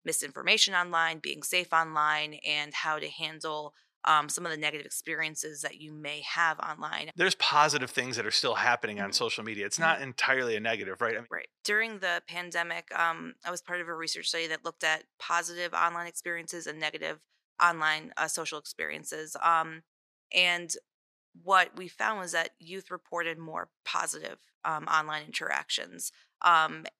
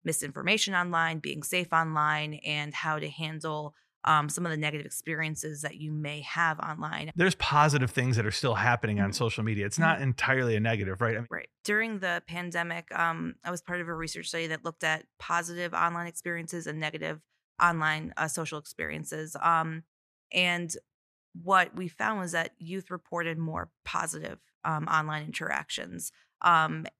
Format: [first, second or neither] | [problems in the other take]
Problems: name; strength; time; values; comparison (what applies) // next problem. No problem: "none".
second | thin; somewhat; fading below 350 Hz